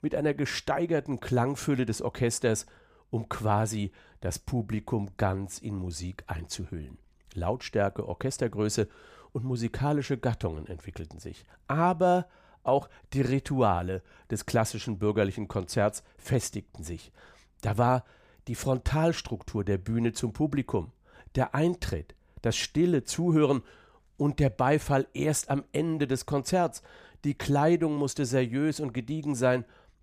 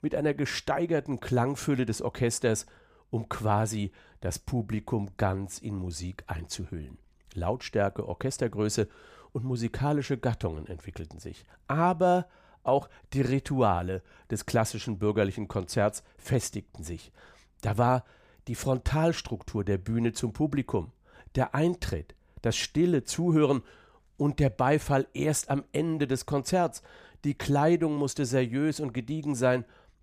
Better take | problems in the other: neither | none

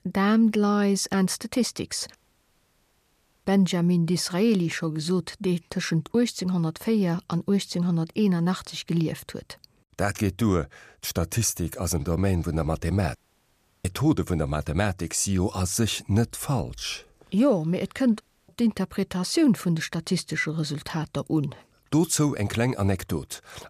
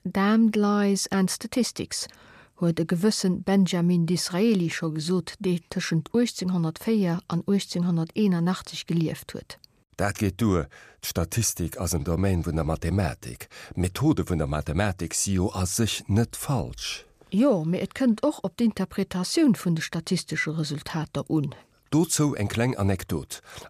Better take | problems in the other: second | audio cutting out; at 2 s for 1.5 s, at 13 s for 0.5 s and at 18 s

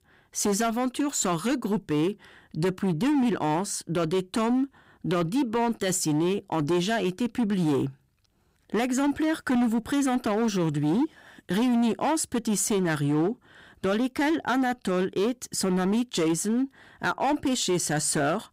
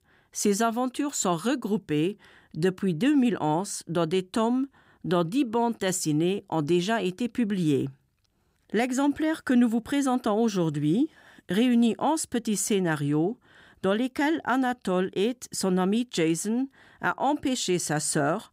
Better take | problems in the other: second | distortion; slight; 15% of the sound clipped

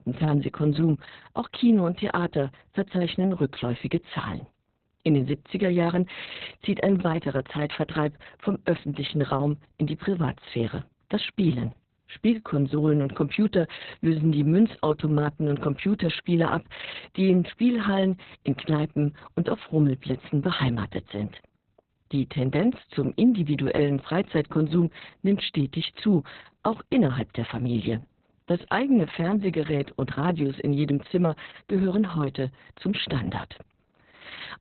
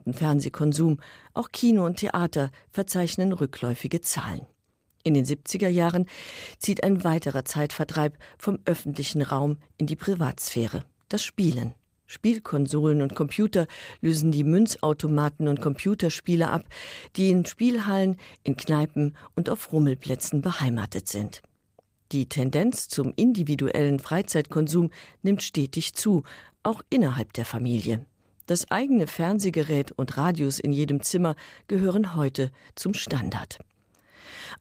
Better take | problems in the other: second | garbled, watery; badly; nothing above 4 kHz; slightly in the second

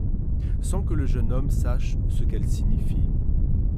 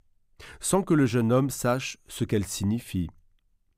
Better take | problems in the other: second | wind noise on the microphone; heavy; 2 dB below the speech

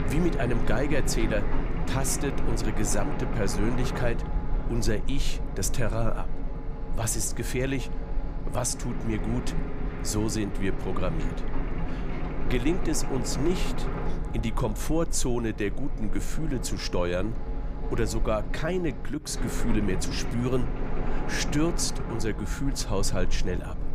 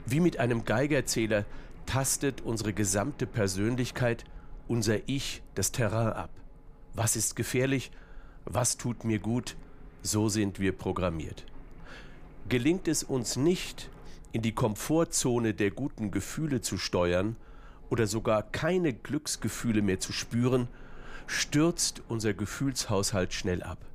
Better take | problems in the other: second | household noises; loud; throughout; 4 dB below the speech; faint in the second

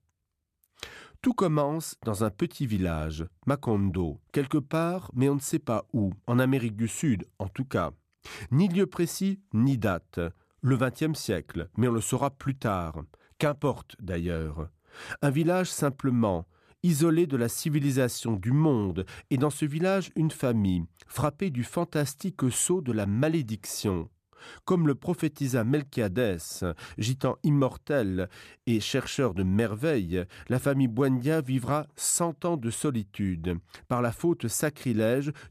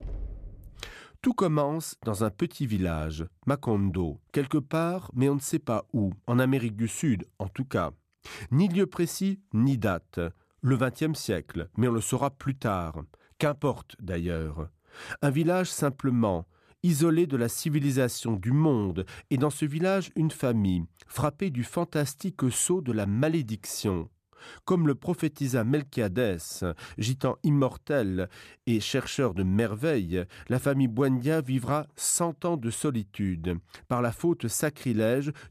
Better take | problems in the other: first | door banging; faint; at the start; peak 10 dB below the speech

